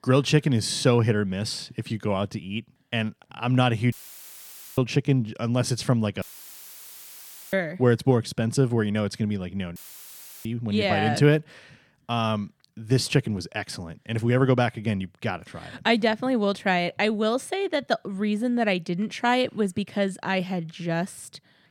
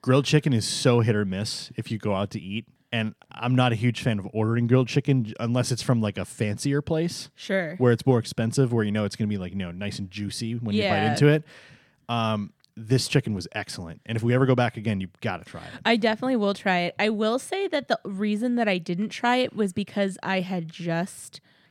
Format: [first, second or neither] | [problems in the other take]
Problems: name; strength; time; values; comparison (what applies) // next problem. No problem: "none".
second | audio cutting out; filled with static; at 4 s for 1 s, at 6 s for 1.5 s and at 10 s for 0.5 s